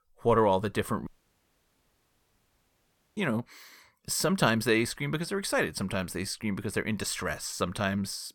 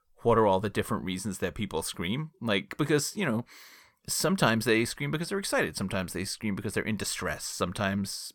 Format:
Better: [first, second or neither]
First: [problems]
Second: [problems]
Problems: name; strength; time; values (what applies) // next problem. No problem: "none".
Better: second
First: audio cutting out; at 1 s for 2 s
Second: none